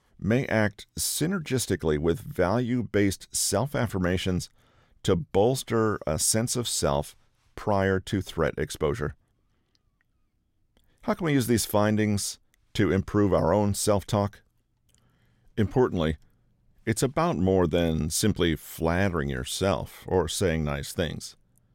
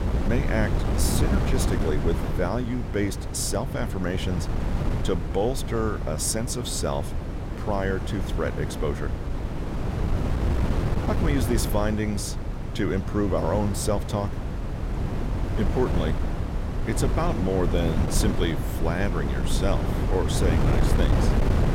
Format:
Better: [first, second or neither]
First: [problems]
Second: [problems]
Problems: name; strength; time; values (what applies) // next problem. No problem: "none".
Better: first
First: none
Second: wind noise on the microphone; heavy; 5 dB below the speech